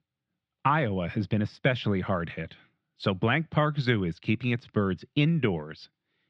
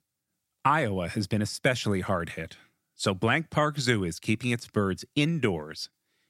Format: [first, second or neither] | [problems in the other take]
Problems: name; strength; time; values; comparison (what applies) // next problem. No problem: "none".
second | muffled; slightly; fading above 3.5 kHz